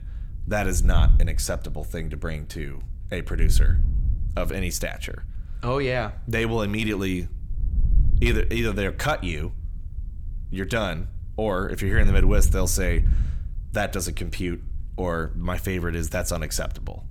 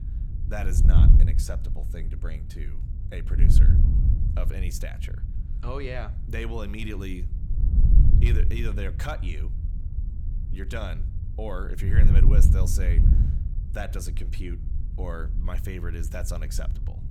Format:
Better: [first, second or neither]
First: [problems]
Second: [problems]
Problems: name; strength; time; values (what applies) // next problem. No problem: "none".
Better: first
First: wind noise on the microphone; occasional gusts; 20 dB below the speech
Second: wind noise on the microphone; heavy; 5 dB below the speech